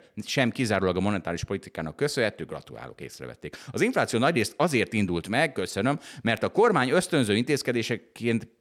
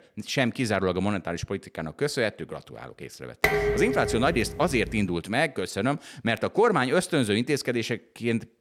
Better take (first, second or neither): first